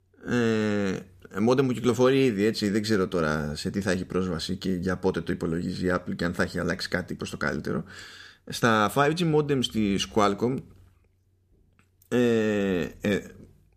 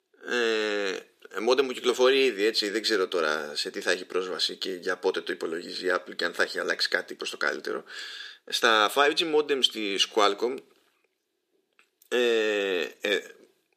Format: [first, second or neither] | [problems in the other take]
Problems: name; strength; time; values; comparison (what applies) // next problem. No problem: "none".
first | thin; very; fading below 350 Hz